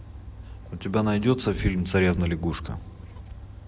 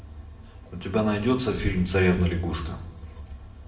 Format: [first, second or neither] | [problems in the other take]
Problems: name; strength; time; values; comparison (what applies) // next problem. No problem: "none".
first | room echo; dies away in 0.6 s